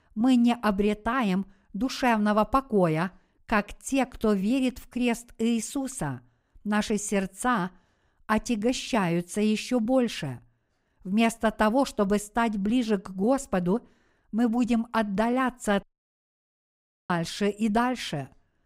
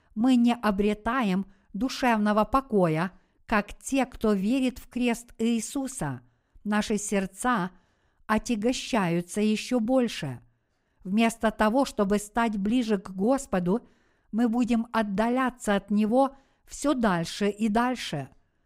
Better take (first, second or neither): second